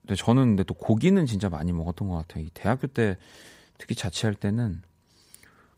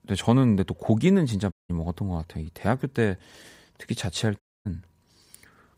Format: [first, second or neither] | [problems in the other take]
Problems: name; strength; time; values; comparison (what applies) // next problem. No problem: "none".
first | audio cutting out; at 1.5 s and at 4.5 s